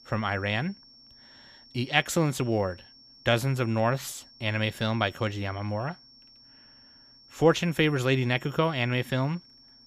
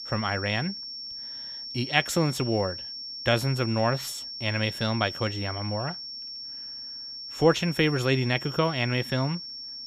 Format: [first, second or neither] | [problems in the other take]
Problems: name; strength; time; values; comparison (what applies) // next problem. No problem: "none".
first | high-pitched whine; loud; throughout; 5.5 kHz, 8 dB below the speech; faint in the first